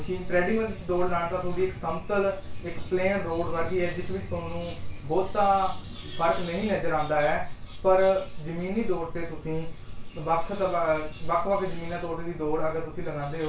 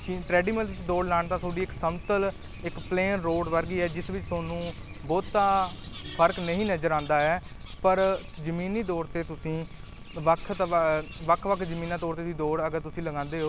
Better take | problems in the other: second | room echo; dies away in 0.2 s

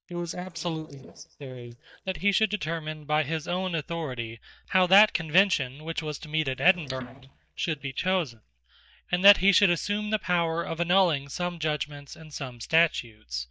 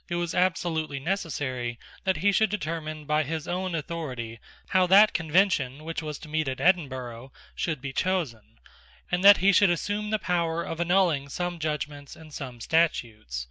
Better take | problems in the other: second | noise reduction (neural mask model DeepFilterNet 3)

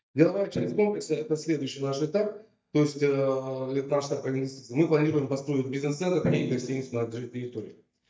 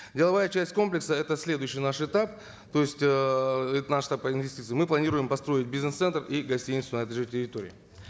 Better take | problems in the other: second | noise reduction (neural mask model DeepFilterNet 3)

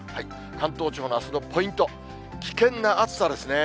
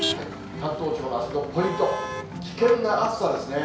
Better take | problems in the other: first | background sound (Motor vehicle (road)); 9 dB below the speech // room echo; dies away in 0.6 s

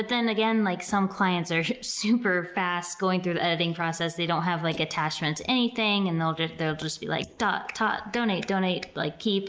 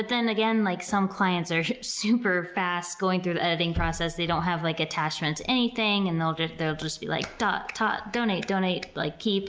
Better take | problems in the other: second | noise reduction (neural mask model Resemble Enhance denoiser)

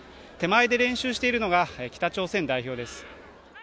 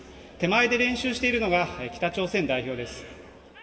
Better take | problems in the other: first | room echo; dies away in 1.6 s

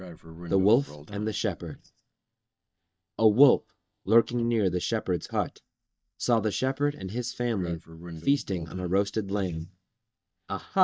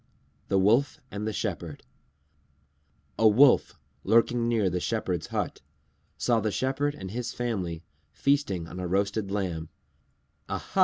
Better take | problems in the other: second | noise reduction (neural mask model DeepFilterNet 3)

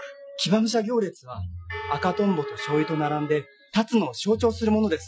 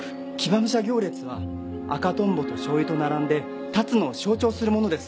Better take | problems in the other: second | noise reduction (classical method Wiener filter)

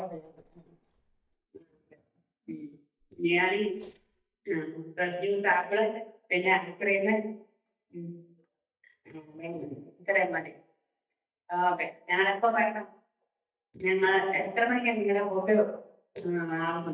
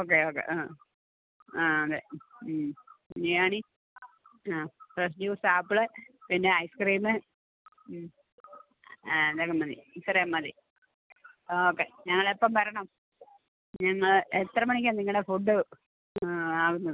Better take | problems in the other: second | noise reduction (neural mask model DeepFilterNet 3)

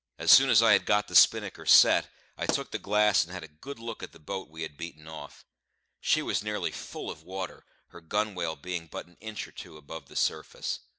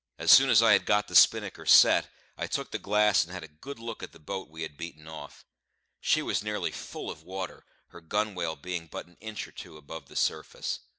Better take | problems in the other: second | background sound (Explosion); 11 dB below the speech

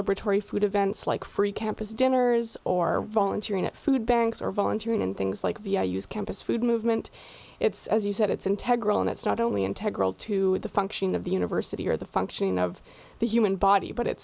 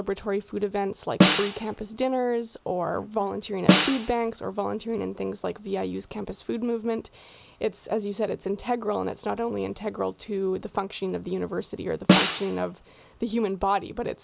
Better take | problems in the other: first | background sound (Snare drum); 3 dB above the speech

